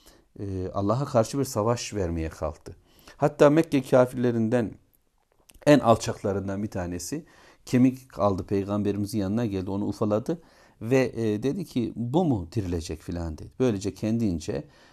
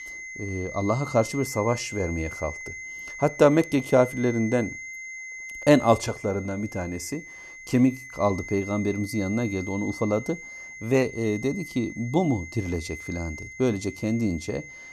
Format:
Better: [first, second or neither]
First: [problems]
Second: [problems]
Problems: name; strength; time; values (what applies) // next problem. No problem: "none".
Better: first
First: none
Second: high-pitched whine; noticeable; throughout; 2 kHz, 10 dB below the speech